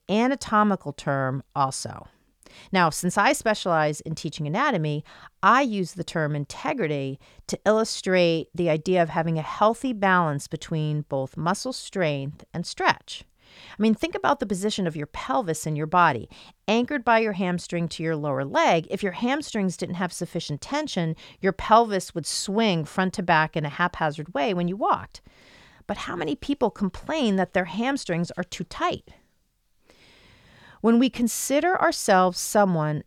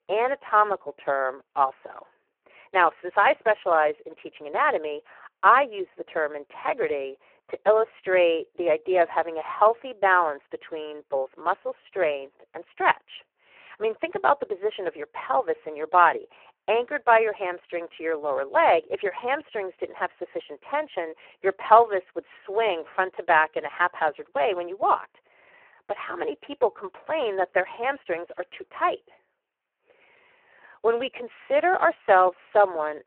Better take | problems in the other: first | phone-call audio; poor line

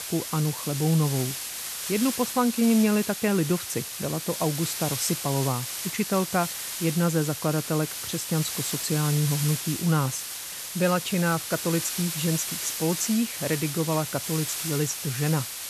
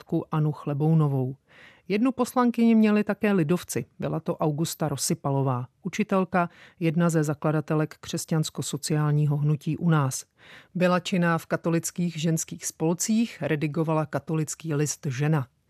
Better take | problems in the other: second | hiss; loud; throughout; 4 dB below the speech

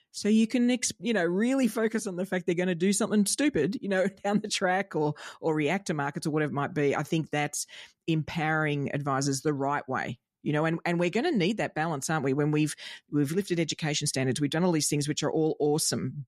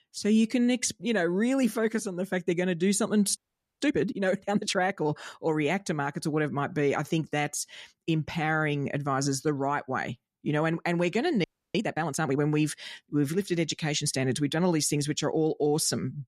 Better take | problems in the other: first | audio freezing; at 3.5 s and at 11 s

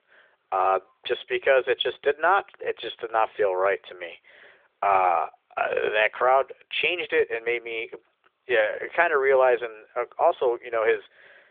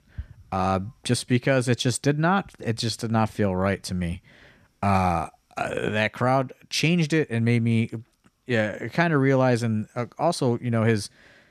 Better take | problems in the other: second | phone-call audio; nothing above 3.5 kHz

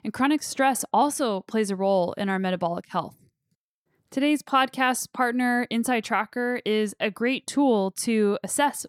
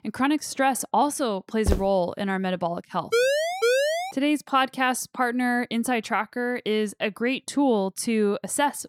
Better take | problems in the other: first | footsteps; noticeable; at 1.5 s; peak 3 dB below the speech // siren; loud; at 3 s; peak 3 dB above the speech

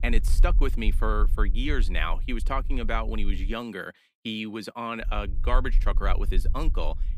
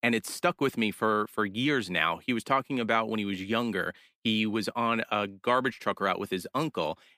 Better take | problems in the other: second | low rumble; faint; until 3.5 s and from 5 s on; 20 dB below the speech

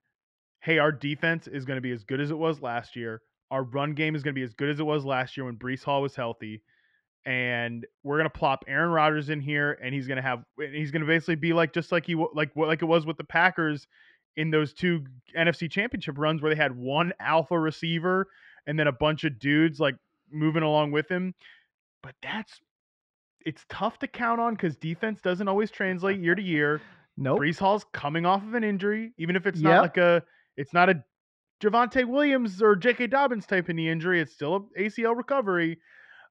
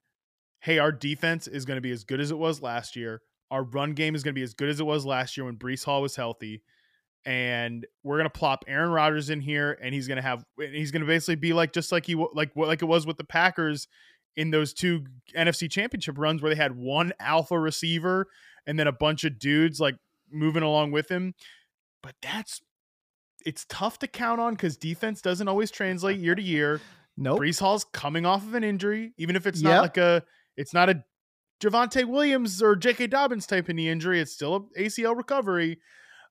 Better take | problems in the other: second | muffled; slightly; fading above 2 kHz

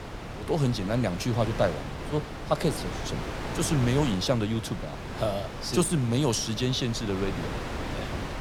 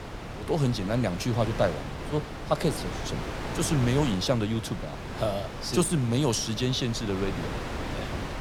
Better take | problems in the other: neither | wind noise on the microphone; heavy; 7 dB below the speech; the same in both

